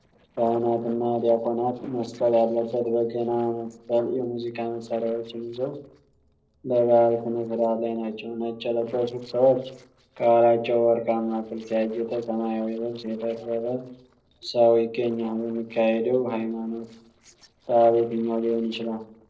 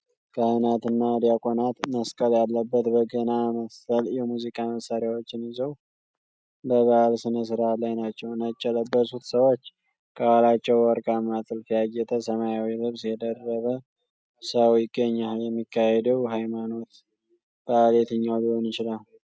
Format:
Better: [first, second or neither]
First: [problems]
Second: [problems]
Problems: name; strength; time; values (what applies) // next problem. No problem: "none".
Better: second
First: noise reduction (neural separator model SepFormer DNS4)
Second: none